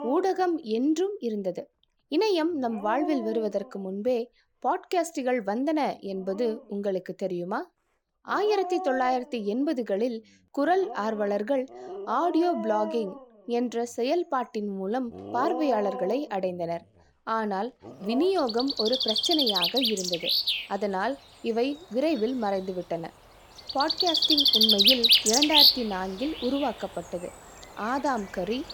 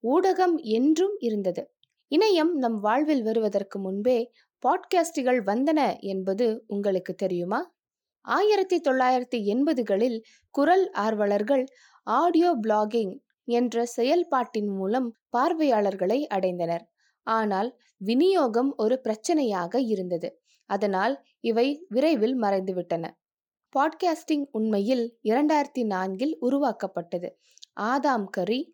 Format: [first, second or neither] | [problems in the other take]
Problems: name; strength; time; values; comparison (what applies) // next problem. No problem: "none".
second | animal sounds; very loud; throughout; 5 dB above the speech